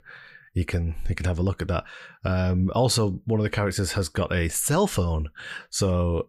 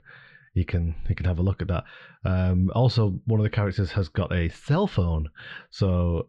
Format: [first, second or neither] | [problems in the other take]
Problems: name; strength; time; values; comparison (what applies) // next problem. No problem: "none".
first | muffled; very slightly; fading above 4 kHz